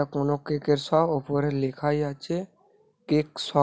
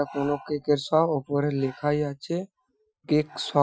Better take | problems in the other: first | noise reduction (classical method Wiener filter)

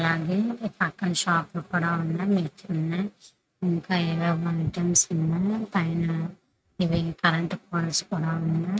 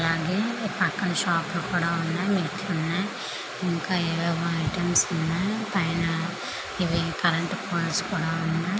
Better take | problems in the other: second | noise reduction (neural mask model RNNoise)

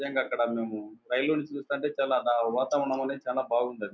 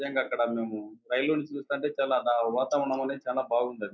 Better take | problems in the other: first | noise reduction (neural mask model Resemble Enhance denoiser)

